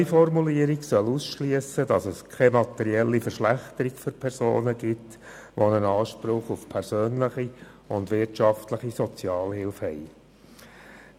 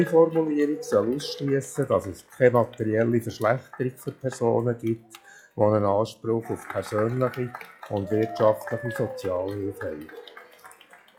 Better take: first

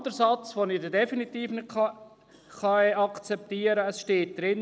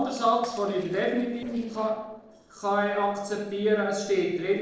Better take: first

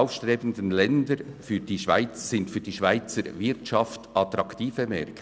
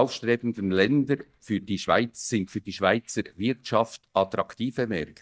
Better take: first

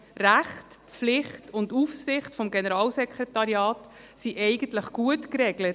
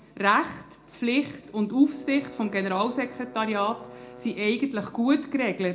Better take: first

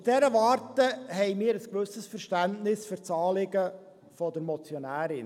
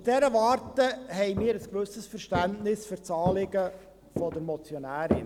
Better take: first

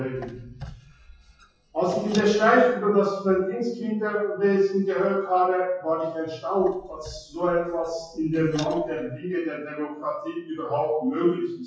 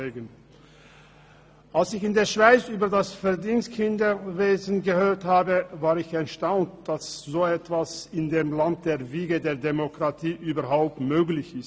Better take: second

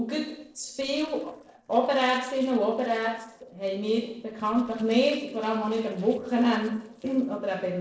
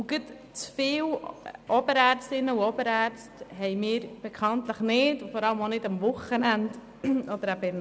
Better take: second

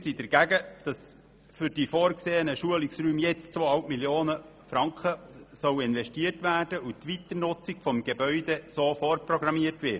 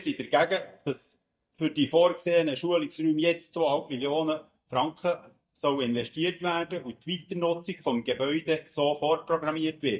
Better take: first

